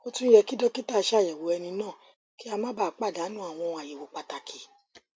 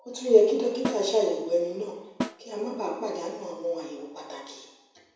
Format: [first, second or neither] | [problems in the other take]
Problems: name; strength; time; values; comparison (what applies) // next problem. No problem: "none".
first | background sound (Snare drum); 11 dB below the speech // room echo; dies away in 0.9 s